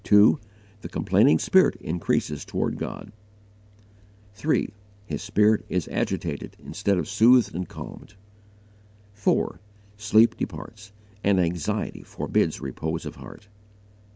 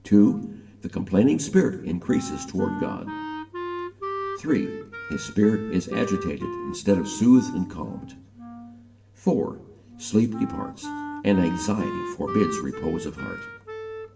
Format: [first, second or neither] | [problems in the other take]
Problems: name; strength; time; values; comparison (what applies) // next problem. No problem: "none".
first | background sound (Wind instrument, woodwind instrument); 11 dB below the speech // room echo; dies away in 0.8 s